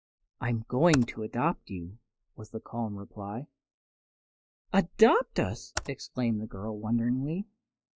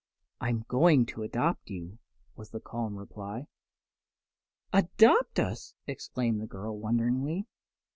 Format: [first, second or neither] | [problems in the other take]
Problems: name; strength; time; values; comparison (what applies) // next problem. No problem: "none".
second | noise reduction (classical method log-MMSE)